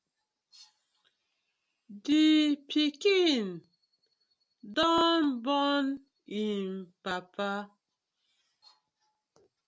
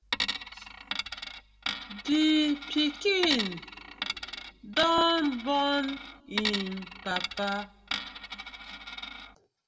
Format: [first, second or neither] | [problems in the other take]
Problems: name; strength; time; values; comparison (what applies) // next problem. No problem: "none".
first | background sound (Coin (dropping)); 6 dB below the speech // room echo; dies away in 0.8 s